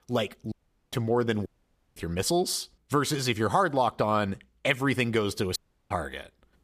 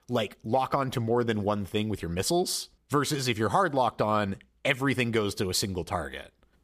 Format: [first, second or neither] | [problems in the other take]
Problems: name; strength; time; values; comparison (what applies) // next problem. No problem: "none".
second | audio cutting out; at 0.5 s, at 1.5 s for 0.5 s and at 5.5 s